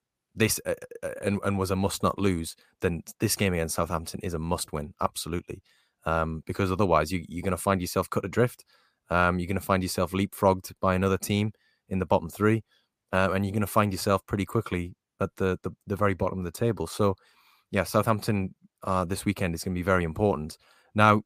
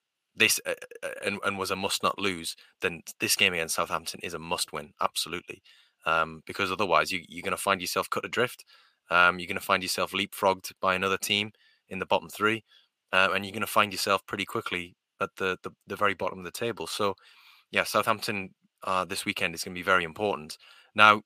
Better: first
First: none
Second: thin; somewhat; fading below 550 Hz

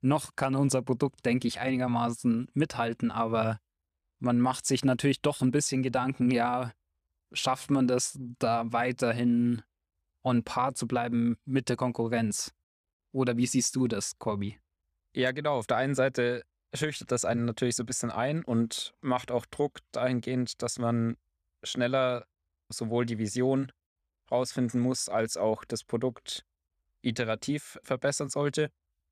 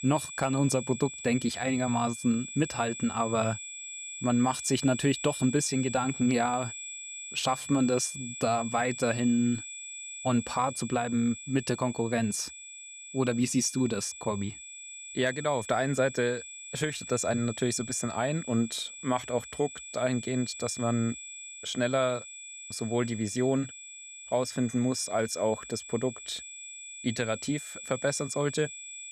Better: first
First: none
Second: high-pitched whine; noticeable; throughout; 8 kHz, 10 dB below the speech

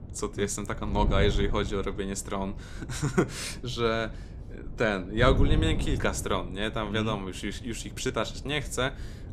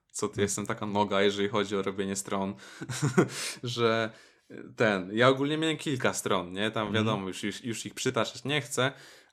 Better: second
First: wind noise on the microphone; occasional gusts; 15 dB below the speech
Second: none

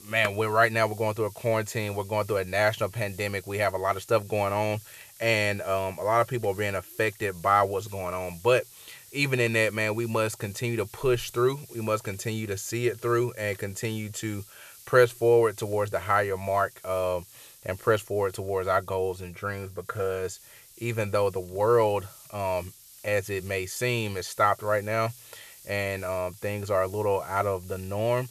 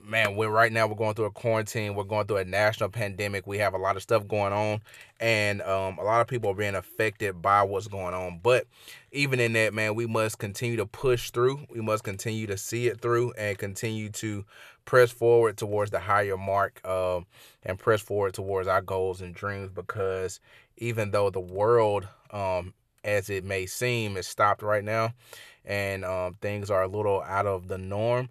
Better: second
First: hiss; faint; throughout; 20 dB below the speech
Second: none

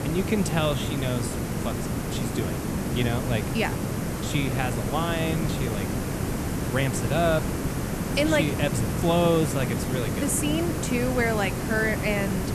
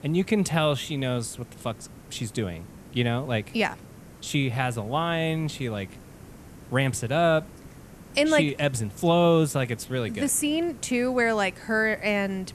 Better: second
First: hiss; loud; throughout; 1 dB below the speech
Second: hiss; faint; throughout; 20 dB below the speech

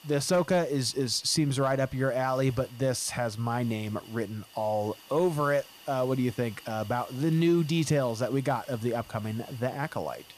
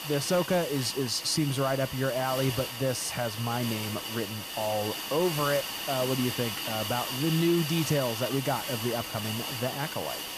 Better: first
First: hiss; faint; throughout; 20 dB below the speech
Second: hiss; loud; throughout; 4 dB below the speech

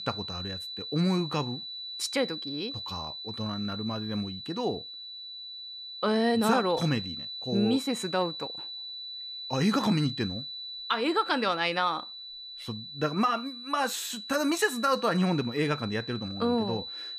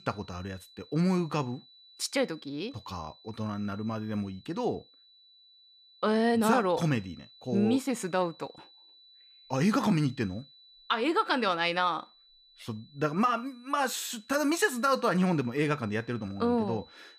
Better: second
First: high-pitched whine; loud; throughout; 4 kHz, 8 dB below the speech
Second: high-pitched whine; faint; throughout; 4 kHz, 25 dB below the speech

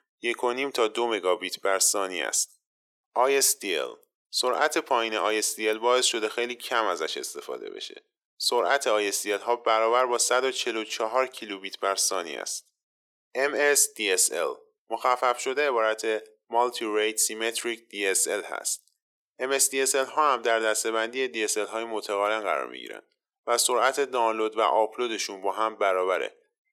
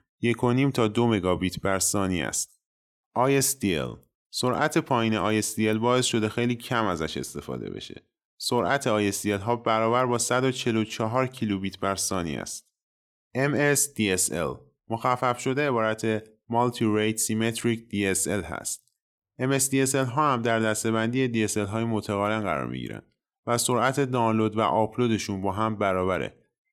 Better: second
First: thin; very; fading below 400 Hz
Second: none

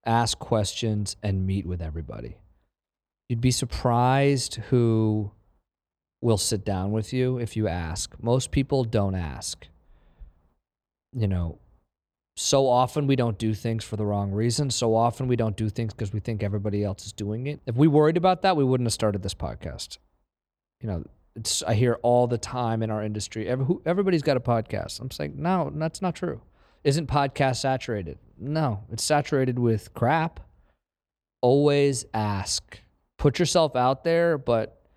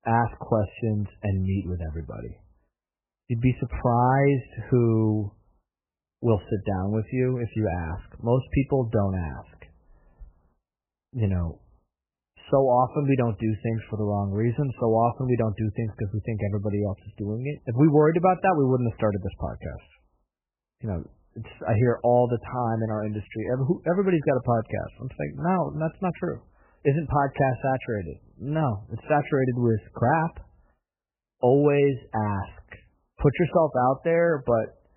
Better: first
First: none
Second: garbled, watery; badly; nothing above 3 kHz

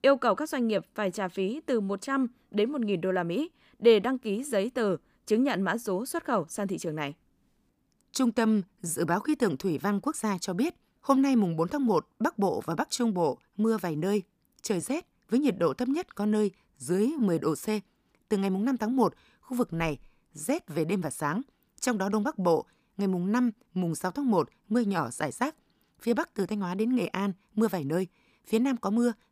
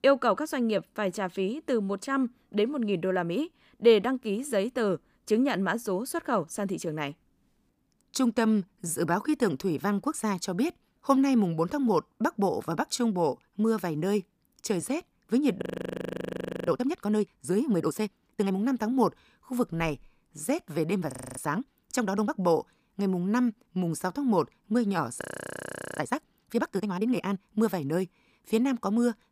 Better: first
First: none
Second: audio freezing; at 16 s for 1 s, at 21 s and at 25 s for 1 s

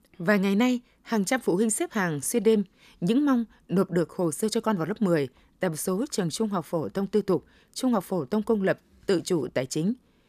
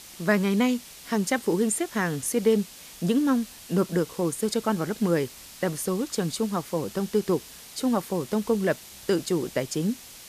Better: first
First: none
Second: hiss; noticeable; throughout; 15 dB below the speech

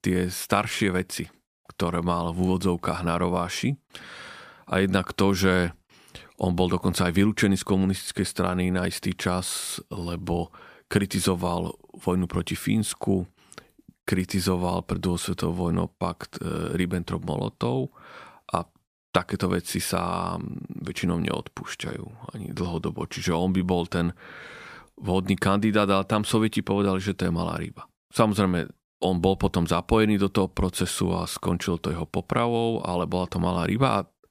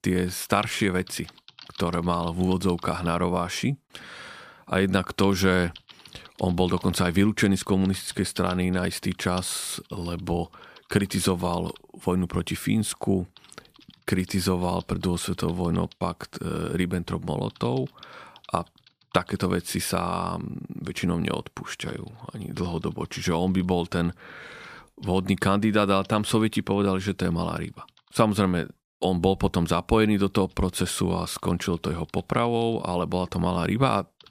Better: first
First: none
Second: household noises; faint; throughout; 25 dB below the speech

